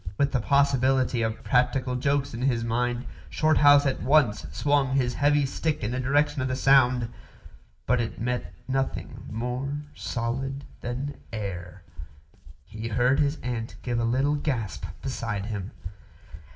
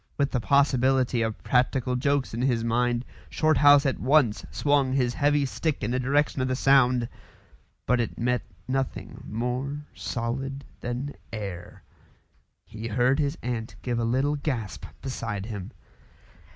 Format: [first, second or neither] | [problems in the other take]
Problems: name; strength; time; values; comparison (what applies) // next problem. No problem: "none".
second | background sound (Walk, footsteps); 14 dB below the speech // room echo; dies away in 0.6 s